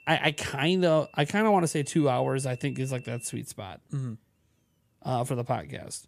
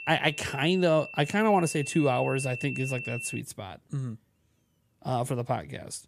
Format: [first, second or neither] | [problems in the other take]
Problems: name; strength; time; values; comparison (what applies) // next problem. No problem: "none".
first | high-pitched whine; loud; until 3.5 s; 2.5 kHz, 10 dB below the speech; faint in the first